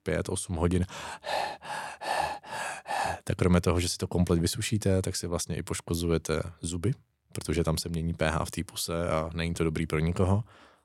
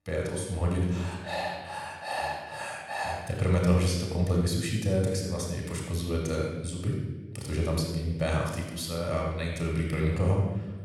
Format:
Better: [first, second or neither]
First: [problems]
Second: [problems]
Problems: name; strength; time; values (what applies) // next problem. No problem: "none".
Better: first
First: none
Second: off-mic speech; somewhat distant // room echo; noticeable; dies away in 1.1 s